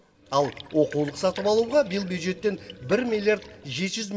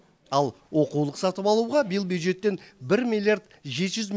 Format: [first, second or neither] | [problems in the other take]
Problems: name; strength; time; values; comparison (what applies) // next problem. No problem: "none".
second | background sound (Liquid); 18 dB below the speech // room echo; dies away in 0.3 s